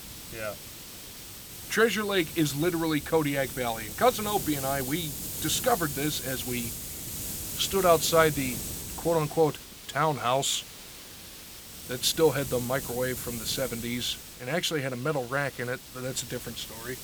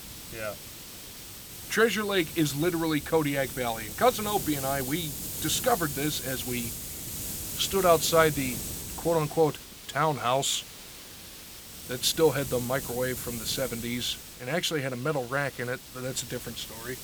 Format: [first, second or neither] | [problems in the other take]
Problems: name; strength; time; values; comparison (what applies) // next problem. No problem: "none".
neither | hiss; loud; throughout; 8 dB below the speech; the same in both